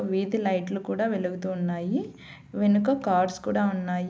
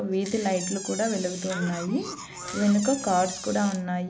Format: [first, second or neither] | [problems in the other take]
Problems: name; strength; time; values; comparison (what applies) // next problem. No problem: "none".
first | background sound (Door + Cough); 10 dB below the speech